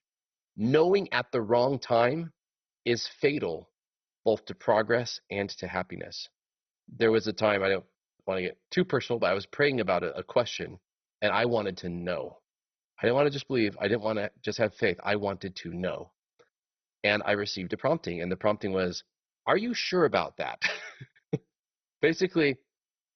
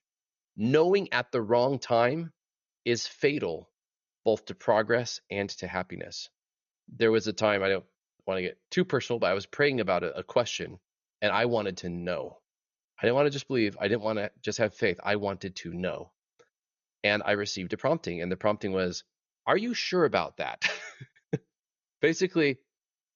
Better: second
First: garbled, watery; badly; nothing above 6 kHz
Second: garbled, watery; slightly; nothing above 6.5 kHz

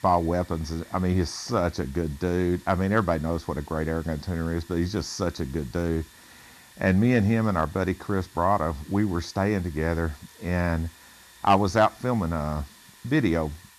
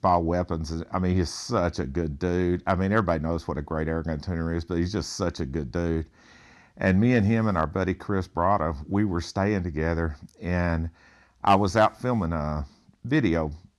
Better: second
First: hiss; faint; throughout; 25 dB below the speech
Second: none

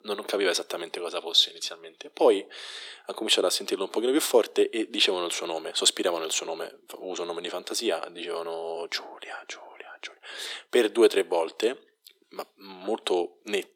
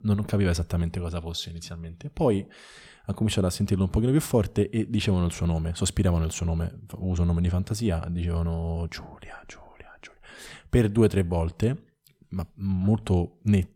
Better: second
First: thin; very; fading below 350 Hz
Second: none

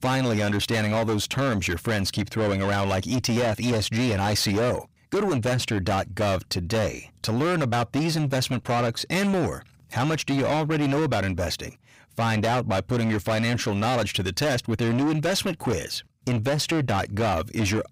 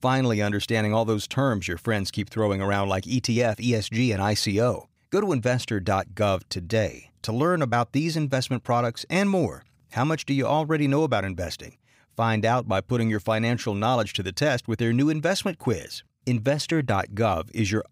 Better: second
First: distortion; heavy; 7 dB below the speech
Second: none

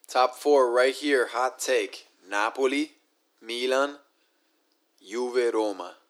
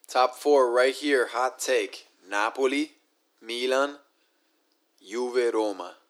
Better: neither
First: thin; somewhat; fading below 300 Hz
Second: thin; somewhat; fading below 300 Hz

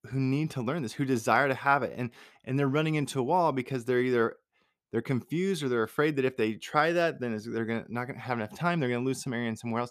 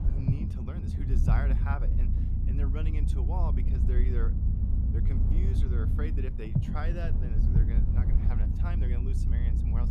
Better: first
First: none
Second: low rumble; loud; throughout; as loud as the speech

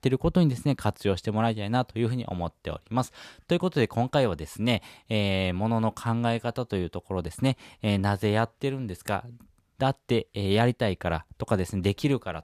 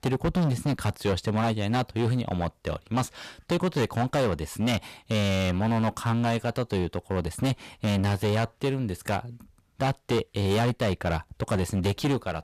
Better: first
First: none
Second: distortion; heavy; 15% of the sound clipped

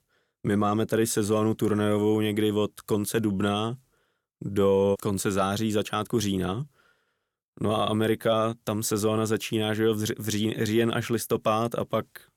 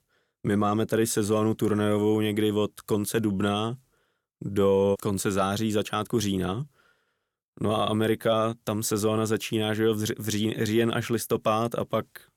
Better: neither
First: none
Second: none

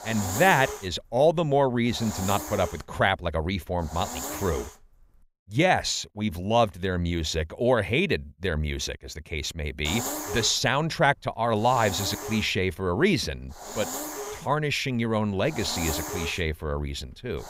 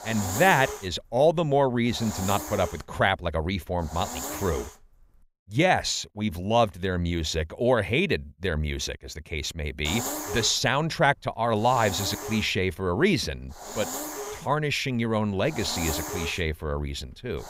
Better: neither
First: hiss; loud; until 5 s and from 10 s on; 8 dB below the speech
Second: hiss; loud; until 5 s and from 10 s on; 8 dB below the speech

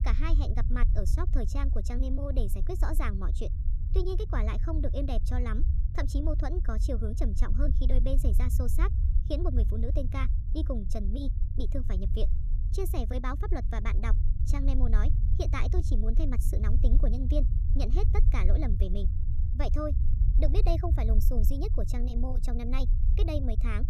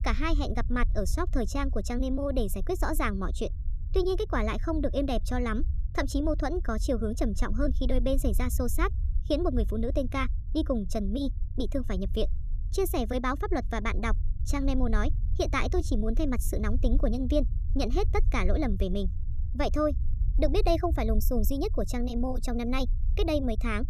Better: second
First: low rumble; loud; throughout; 10 dB below the speech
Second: low rumble; faint; throughout; 20 dB below the speech

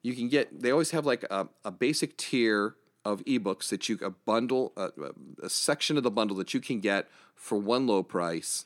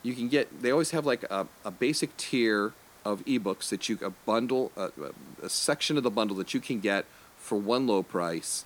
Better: first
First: none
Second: hiss; faint; throughout; 25 dB below the speech

